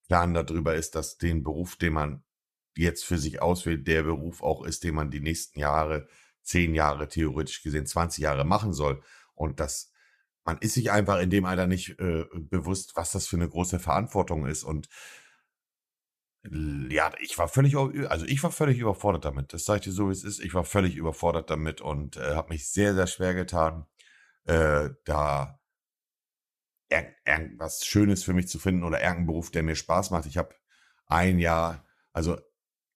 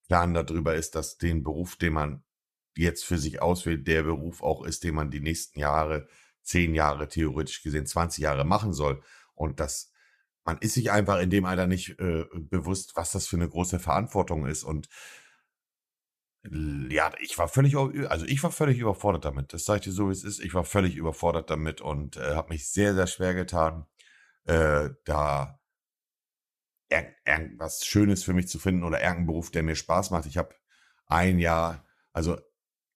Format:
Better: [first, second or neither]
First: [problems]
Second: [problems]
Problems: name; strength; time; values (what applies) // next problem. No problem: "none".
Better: neither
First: none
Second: none